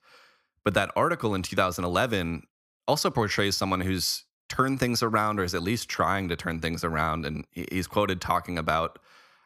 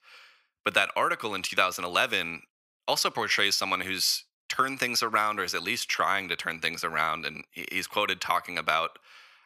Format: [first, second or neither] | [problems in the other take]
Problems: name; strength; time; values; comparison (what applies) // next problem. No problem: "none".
first | thin; somewhat; fading below 950 Hz